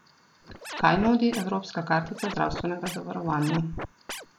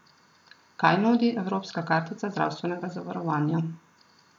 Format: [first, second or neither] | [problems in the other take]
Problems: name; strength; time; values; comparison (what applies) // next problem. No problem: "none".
second | background sound (Scratching (performance technique)); 11 dB below the speech